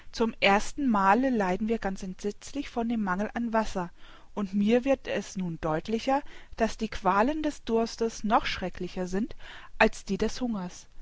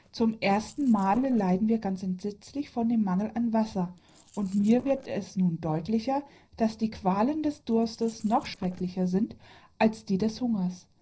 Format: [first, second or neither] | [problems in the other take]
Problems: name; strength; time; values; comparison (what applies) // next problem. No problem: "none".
first | noise reduction (neural separator model SepFormer DNS4)